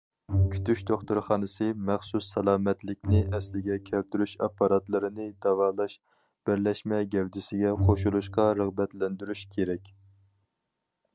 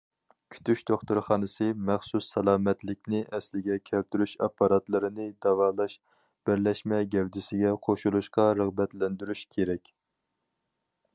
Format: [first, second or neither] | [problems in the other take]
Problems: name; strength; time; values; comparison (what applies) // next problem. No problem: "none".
second | background sound (Bowed string instrument); 4 dB below the speech